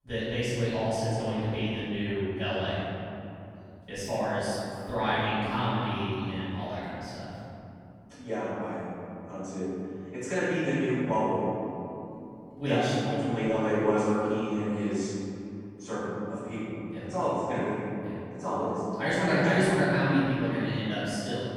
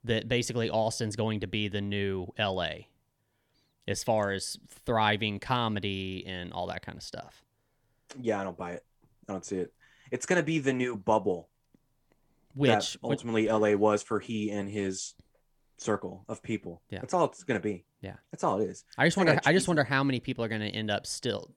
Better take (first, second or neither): second